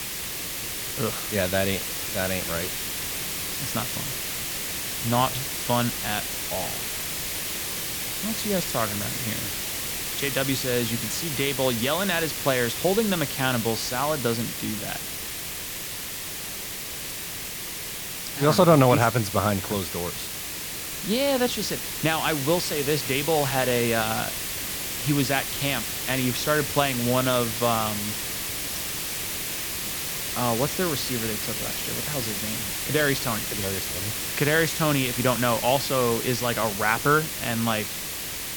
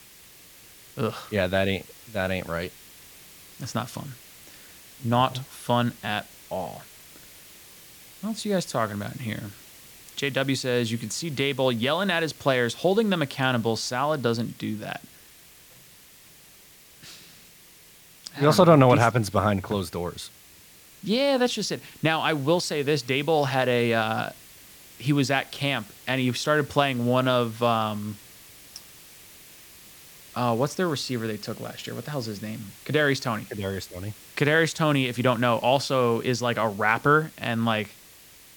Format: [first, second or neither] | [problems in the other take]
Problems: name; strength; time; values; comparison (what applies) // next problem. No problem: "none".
second | hiss; loud; throughout; 3 dB below the speech; faint in the second